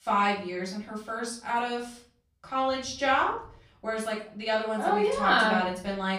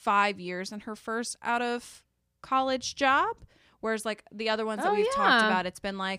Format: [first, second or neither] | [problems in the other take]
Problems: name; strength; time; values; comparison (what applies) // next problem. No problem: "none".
second | off-mic speech; far // room echo; slight; dies away in 0.5 s